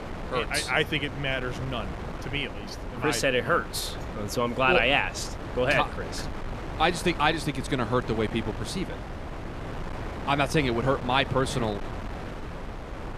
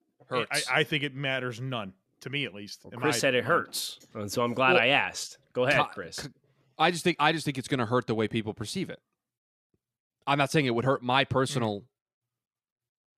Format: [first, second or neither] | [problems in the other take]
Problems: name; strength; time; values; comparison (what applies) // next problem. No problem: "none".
second | wind noise on the microphone; occasional gusts; 15 dB below the speech